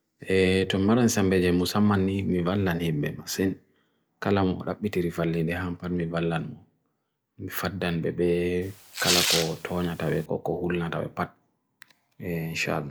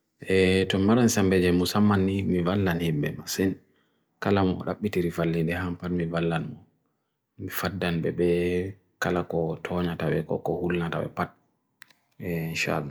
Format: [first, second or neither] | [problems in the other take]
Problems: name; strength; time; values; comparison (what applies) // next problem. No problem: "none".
second | background sound (Tearing); 2 dB below the speech